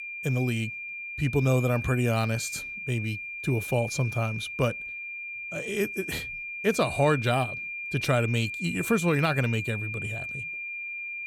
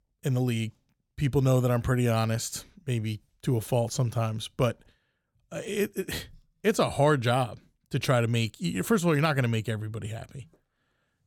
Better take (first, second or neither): second